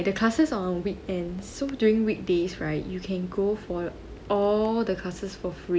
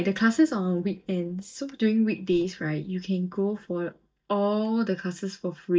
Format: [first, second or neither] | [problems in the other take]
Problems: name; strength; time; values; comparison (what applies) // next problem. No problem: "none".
first | noise reduction (neural mask model DeepFilterNet 3)